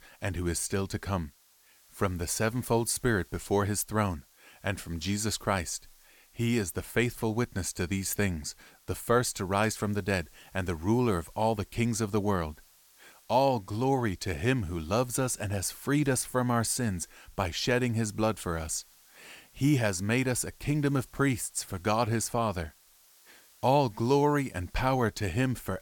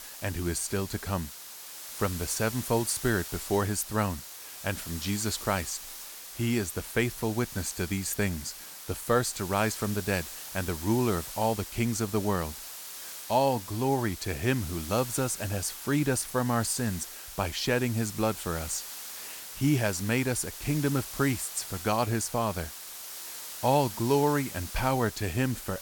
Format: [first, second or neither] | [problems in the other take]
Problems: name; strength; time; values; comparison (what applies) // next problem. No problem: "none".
first | hiss; loud; throughout; 10 dB below the speech; faint in the first